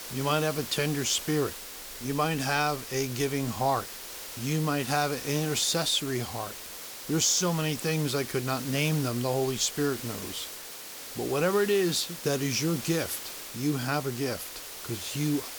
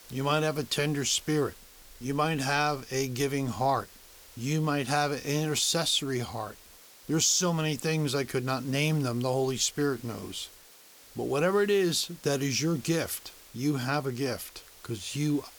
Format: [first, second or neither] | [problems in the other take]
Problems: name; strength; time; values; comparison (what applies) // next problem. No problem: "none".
second | hiss; loud; throughout; 9 dB below the speech; faint in the second